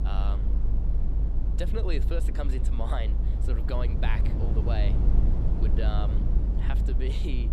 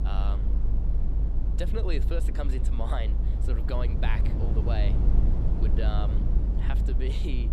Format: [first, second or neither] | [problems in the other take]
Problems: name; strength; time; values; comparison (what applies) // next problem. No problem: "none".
neither | low rumble; loud; throughout; 5 dB below the speech; the same in both